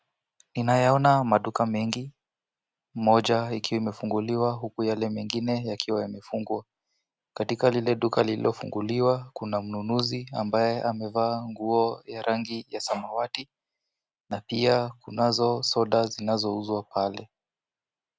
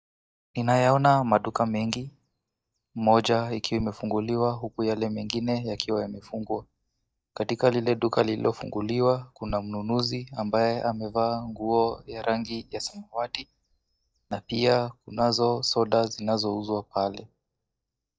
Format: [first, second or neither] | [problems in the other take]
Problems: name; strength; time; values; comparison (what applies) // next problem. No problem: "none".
first | noise reduction (neural mask model DeepFilterNet 3)